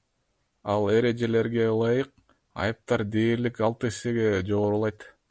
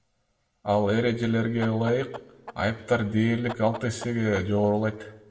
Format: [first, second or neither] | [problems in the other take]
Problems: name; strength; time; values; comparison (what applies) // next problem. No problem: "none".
first | background sound (Chicken, rooster); 17 dB below the speech // room echo; dies away in 0.6 s